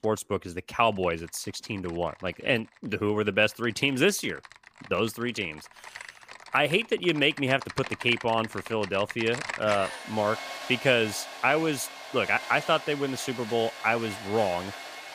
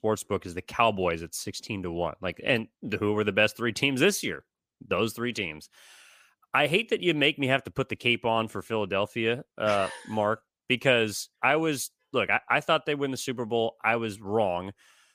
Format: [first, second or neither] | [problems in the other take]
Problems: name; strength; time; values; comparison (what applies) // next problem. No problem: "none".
second | household noises; noticeable; throughout; 10 dB below the speech